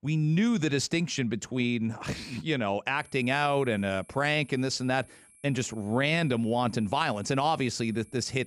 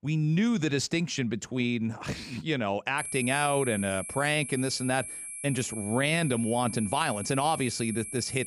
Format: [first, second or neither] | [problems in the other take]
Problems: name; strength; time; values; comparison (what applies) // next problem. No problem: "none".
first | high-pitched whine; loud; from 3 s on; 11 kHz, 8 dB below the speech; faint in the first